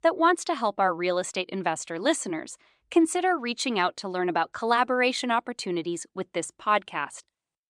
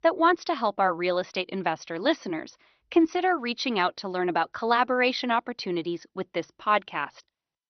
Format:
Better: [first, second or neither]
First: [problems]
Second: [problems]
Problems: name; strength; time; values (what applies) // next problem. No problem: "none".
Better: first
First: none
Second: garbled, watery; slightly; nothing above 6 kHz